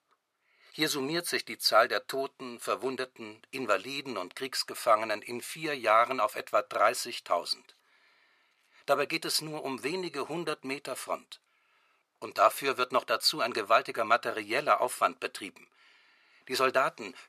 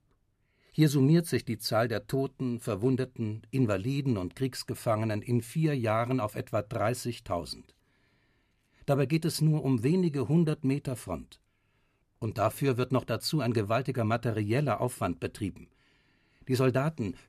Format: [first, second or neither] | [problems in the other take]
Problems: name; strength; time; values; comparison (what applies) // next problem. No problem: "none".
second | thin; very; fading below 650 Hz